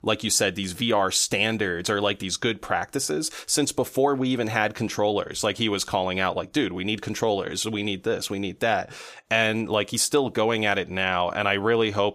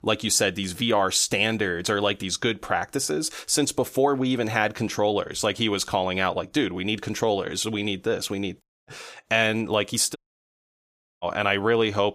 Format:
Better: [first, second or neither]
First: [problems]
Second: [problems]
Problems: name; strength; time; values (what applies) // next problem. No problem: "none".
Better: first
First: none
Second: audio cutting out; at 8.5 s and at 10 s for 1 s